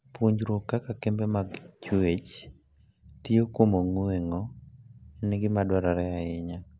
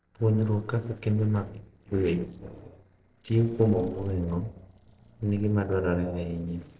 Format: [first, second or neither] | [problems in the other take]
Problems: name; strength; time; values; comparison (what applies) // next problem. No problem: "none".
first | noise reduction (neural separator model SepFormer DNS4)